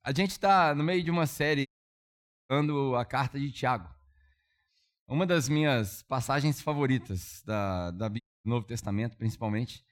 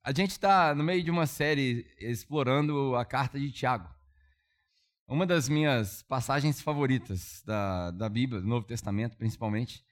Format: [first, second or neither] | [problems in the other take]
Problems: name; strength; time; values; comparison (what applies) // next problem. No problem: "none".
second | audio cutting out; at 1.5 s for 1 s and at 8 s